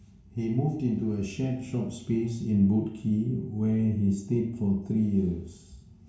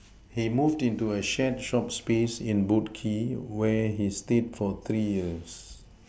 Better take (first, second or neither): second